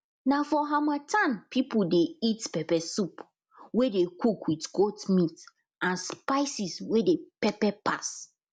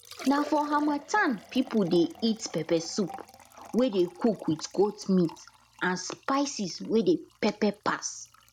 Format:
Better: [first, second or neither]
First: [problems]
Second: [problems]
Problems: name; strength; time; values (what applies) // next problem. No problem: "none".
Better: first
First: none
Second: background sound (Liquid); 19 dB below the speech